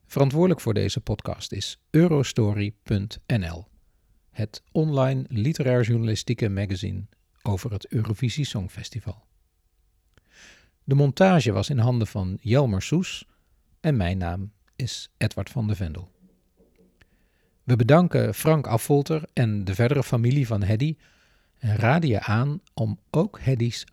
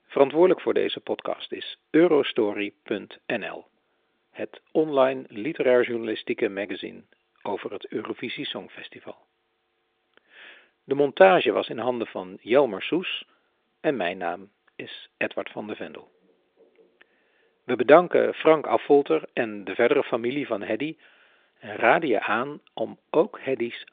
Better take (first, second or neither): first